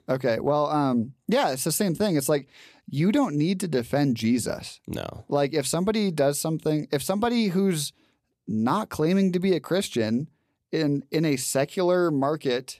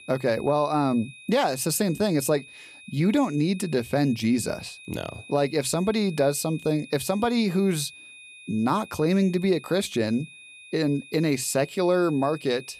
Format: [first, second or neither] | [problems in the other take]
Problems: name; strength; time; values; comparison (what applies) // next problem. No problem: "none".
first | high-pitched whine; noticeable; throughout; 2.5 kHz, 20 dB below the speech